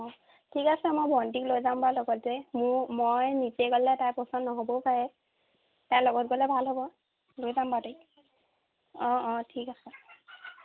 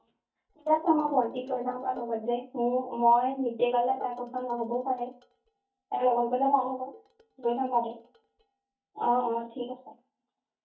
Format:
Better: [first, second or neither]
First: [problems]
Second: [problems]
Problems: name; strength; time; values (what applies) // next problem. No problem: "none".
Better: first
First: none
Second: noise reduction (neural mask model DeepFilterNet 3)